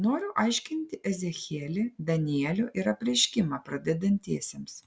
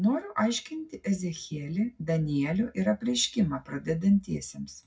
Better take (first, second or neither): first